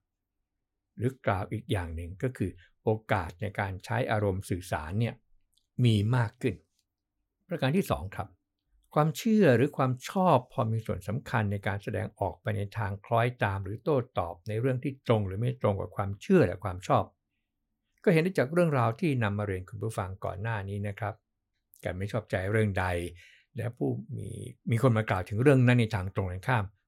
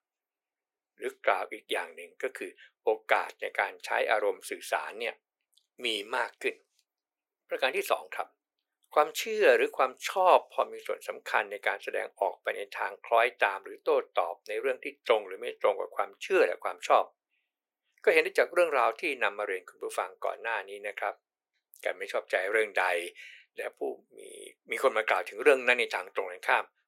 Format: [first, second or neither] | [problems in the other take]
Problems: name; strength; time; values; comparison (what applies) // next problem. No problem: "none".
first | thin; very; fading below 400 Hz